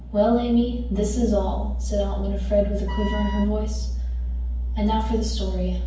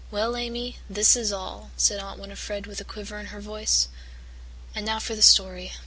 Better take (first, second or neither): second